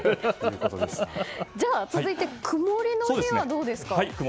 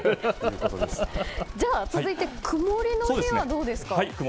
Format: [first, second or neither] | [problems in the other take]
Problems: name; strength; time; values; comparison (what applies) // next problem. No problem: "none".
first | background sound (Bird); 9 dB below the speech